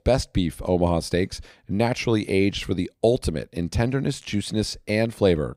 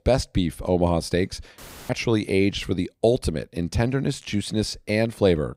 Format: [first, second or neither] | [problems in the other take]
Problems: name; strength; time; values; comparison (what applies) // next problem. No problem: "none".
first | audio cutting out; filled with static; at 1.5 s